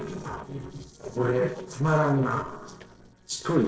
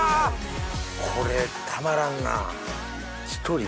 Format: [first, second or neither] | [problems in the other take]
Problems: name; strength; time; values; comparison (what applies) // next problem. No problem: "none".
second | noise reduction (neural separator model SepFormer DNS4)